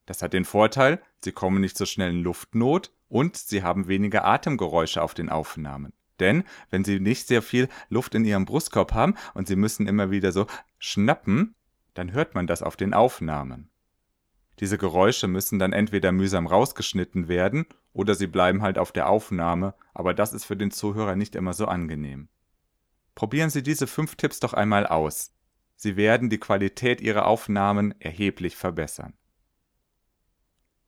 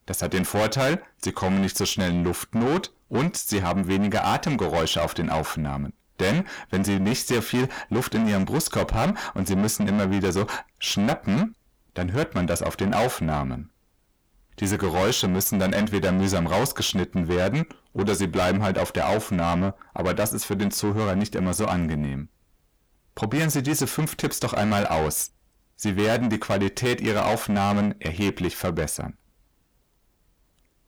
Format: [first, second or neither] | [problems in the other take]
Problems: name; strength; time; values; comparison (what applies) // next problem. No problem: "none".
first | distortion; heavy; 6 dB below the speech